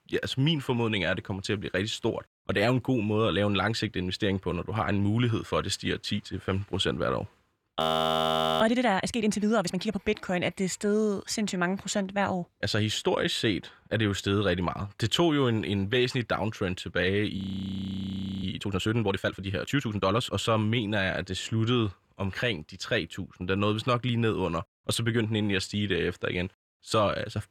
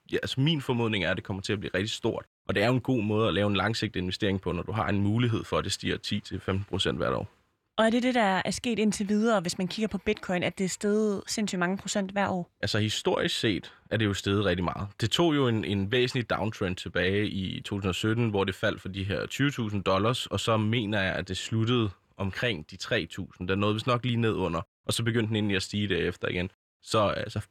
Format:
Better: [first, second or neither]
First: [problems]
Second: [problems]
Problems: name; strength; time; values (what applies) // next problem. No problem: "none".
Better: second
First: audio freezing; at 8 s for 1 s and at 17 s for 1 s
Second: none